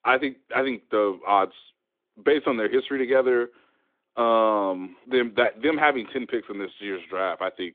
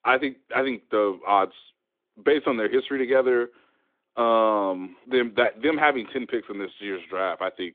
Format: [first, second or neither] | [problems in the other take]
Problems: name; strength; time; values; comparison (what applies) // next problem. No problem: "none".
neither | phone-call audio; nothing above 3.5 kHz; the same in both